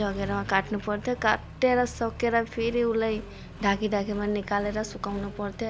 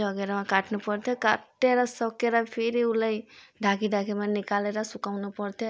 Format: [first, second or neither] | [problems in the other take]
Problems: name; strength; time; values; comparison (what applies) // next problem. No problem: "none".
second | background sound (Accelerating, revving, vroom); 13 dB below the speech